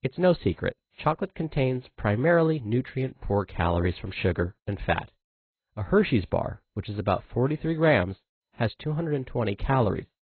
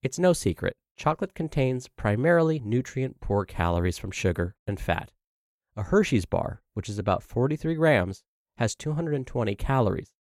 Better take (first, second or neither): second